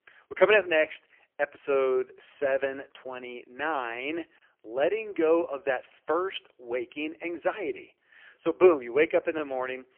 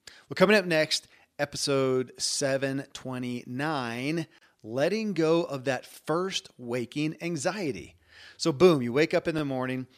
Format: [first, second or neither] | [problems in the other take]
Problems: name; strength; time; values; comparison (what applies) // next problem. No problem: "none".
second | phone-call audio; poor line; nothing above 3 kHz